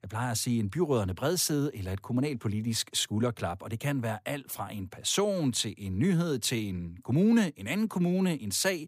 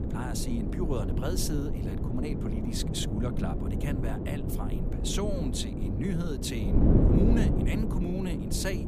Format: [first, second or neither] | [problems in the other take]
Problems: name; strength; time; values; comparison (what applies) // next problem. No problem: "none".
first | wind noise on the microphone; heavy; as loud as the speech